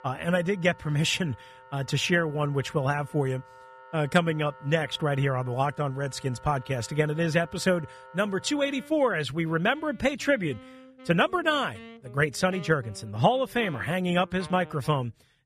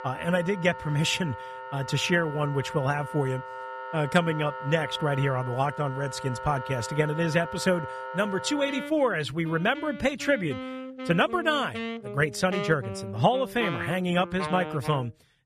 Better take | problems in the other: first | background music; loud; throughout; 10 dB below the speech; faint in the first

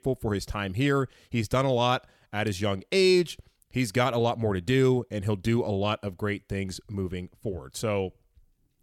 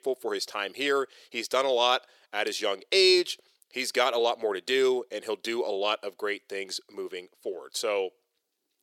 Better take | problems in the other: first | thin; very; fading below 400 Hz

